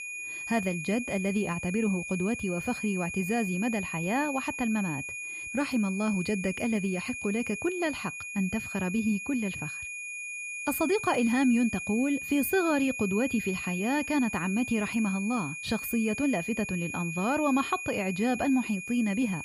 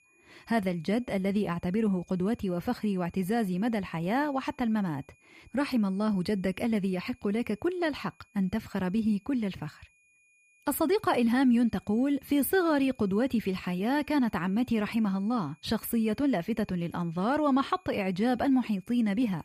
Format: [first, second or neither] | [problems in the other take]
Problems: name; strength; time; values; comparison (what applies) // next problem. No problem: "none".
second | high-pitched whine; loud; throughout; 2.5 kHz, 6 dB below the speech; faint in the second